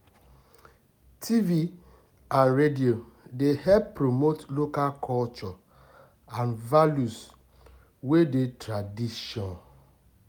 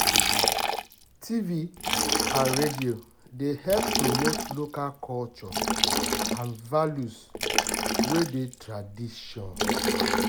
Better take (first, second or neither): first